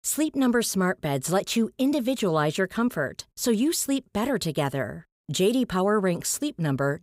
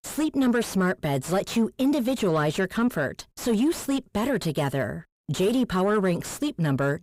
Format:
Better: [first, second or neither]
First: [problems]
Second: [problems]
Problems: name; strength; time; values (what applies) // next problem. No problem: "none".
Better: first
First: none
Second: distortion; slight; 10 dB below the speech